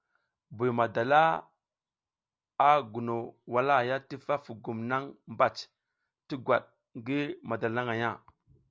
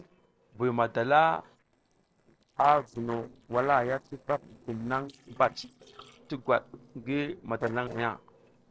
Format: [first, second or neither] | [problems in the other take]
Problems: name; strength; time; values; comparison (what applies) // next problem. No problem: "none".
first | noise reduction (neural separator model SepFormer DNS4)